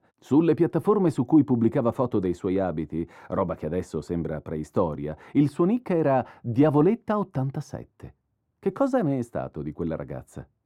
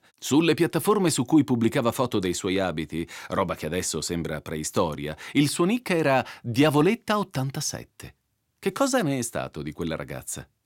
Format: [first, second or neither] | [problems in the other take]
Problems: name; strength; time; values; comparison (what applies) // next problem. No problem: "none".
second | muffled; very; fading above 2 kHz